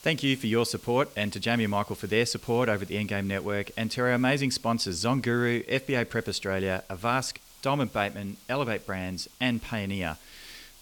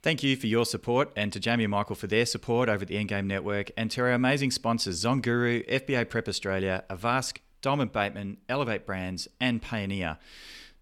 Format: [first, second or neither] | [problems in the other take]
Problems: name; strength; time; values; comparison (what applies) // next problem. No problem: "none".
second | hiss; faint; throughout; 25 dB below the speech